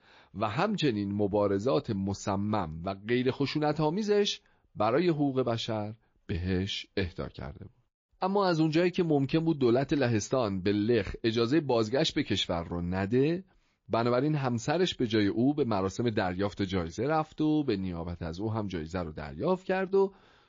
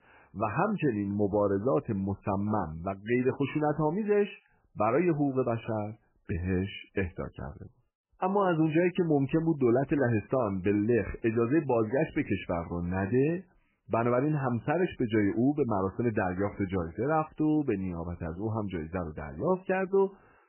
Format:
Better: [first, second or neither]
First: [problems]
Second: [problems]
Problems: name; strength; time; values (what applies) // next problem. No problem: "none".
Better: first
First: garbled, watery; slightly; nothing above 6.5 kHz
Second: garbled, watery; badly; nothing above 3 kHz